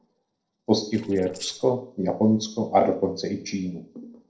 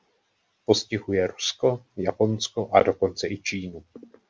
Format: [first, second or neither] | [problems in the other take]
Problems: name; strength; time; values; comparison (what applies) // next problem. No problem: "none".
second | noise reduction (neural separator model SepFormer DNS4)